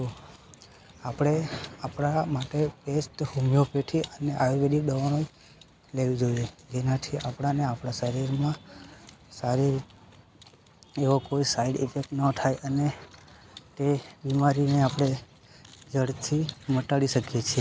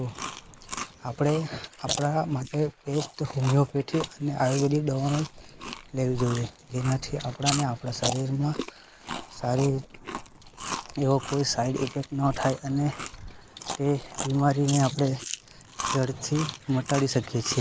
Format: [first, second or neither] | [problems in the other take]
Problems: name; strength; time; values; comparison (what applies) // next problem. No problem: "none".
first | noise reduction (neural mask model Resemble Enhance denoiser)